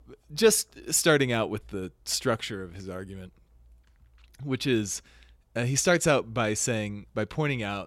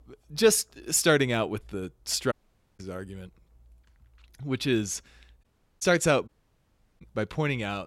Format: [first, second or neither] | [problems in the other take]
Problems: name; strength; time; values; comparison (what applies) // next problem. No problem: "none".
first | audio cutting out; at 2.5 s, at 5.5 s and at 6.5 s for 0.5 s